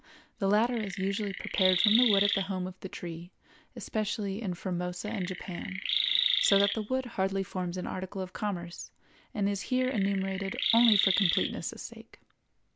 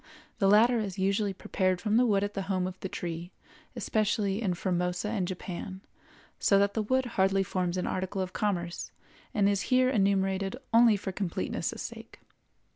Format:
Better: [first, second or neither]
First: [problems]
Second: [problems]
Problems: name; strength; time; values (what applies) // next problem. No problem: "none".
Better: second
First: background sound (Chirp, tweet); as loud as the speech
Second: none